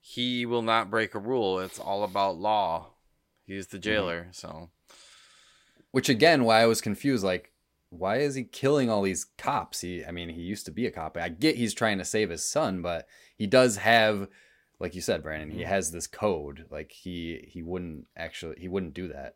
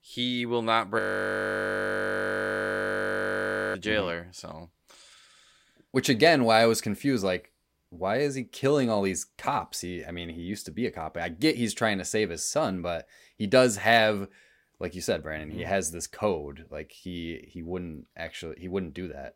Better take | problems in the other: first | audio freezing; at 1 s for 3 s

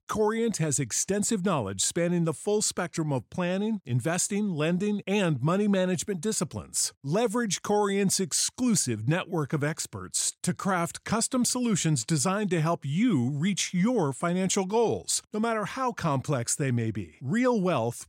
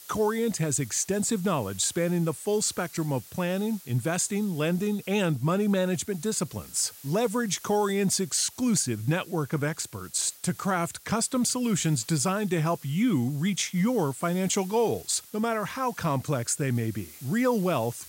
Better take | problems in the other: first | hiss; noticeable; throughout; 20 dB below the speech

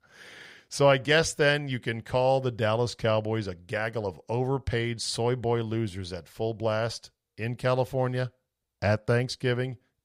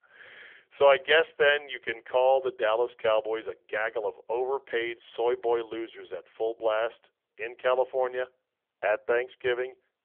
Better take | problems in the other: first | phone-call audio; nothing above 3 kHz

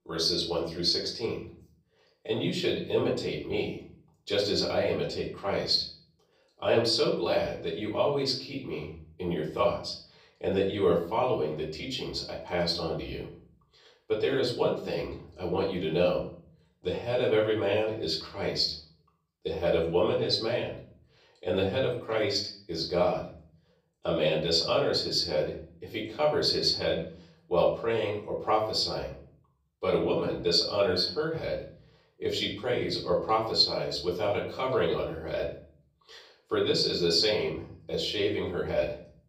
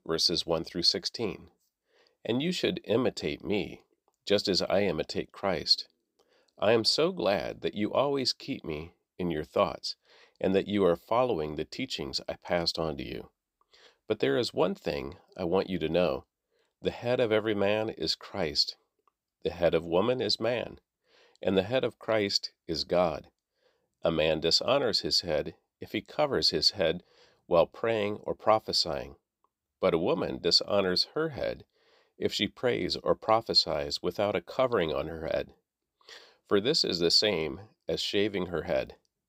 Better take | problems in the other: second | room echo; slight; dies away in 0.5 s // off-mic speech; far

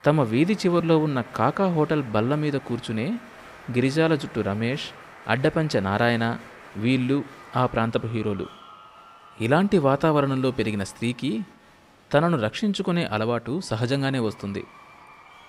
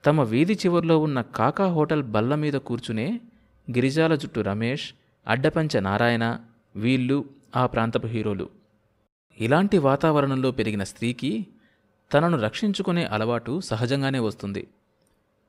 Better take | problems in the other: second | crowd noise; faint; throughout; 20 dB below the speech

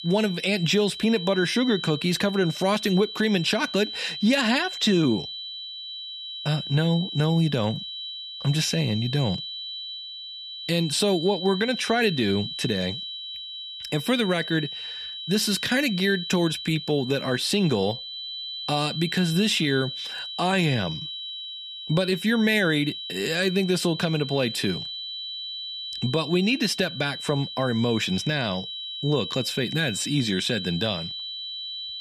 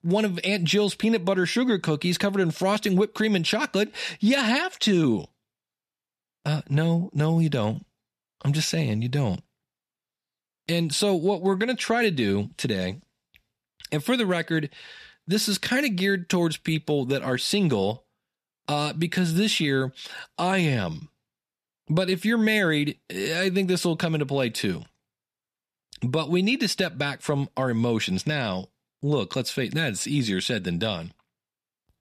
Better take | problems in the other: second | high-pitched whine; loud; throughout; 4 kHz, 8 dB below the speech

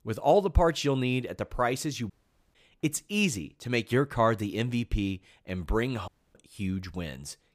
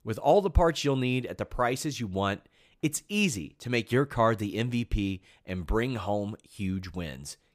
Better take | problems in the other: second | audio cutting out; at 2 s and at 6 s

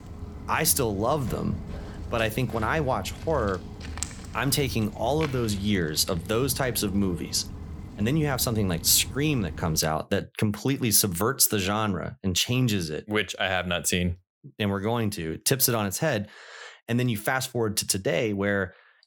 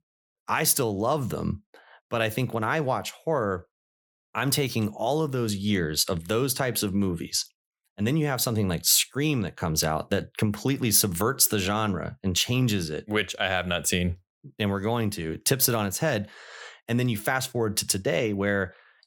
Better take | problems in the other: second | footsteps; noticeable; until 10 s; peak 8 dB below the speech

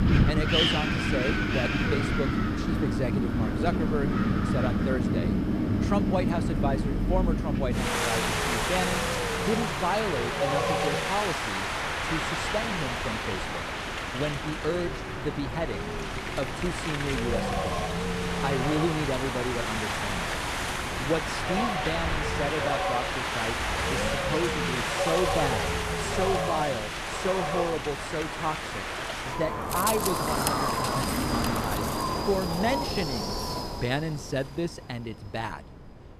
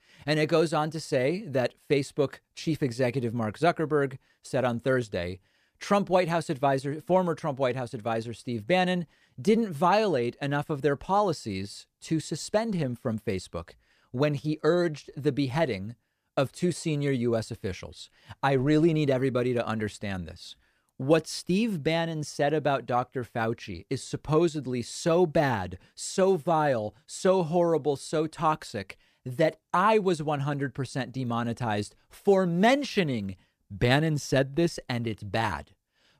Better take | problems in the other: second | wind in the background; very loud; throughout; 4 dB above the speech

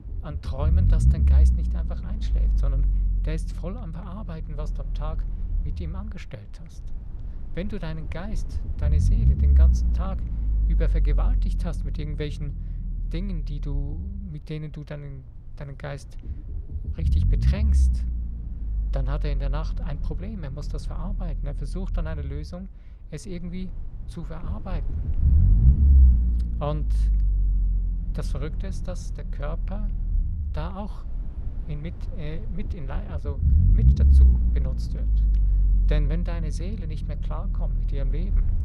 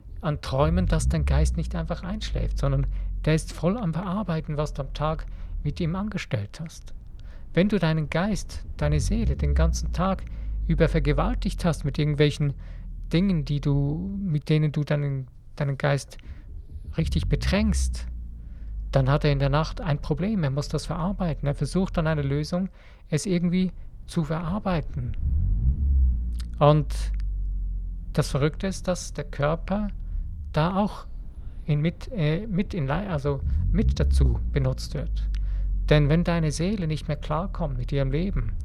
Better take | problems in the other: second | low rumble; loud; throughout; 3 dB below the speech; faint in the second

